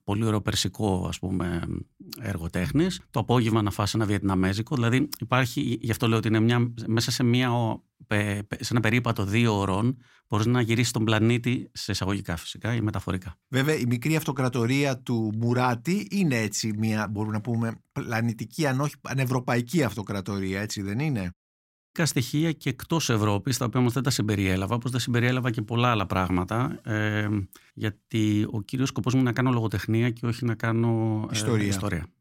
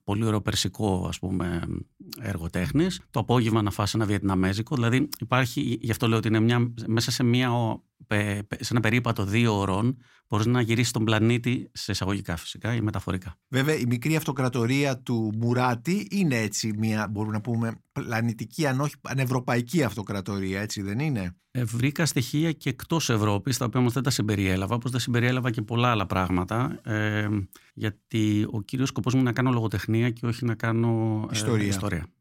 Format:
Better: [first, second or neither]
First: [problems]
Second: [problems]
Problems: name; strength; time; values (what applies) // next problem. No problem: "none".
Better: second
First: audio cutting out; at 21 s for 0.5 s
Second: none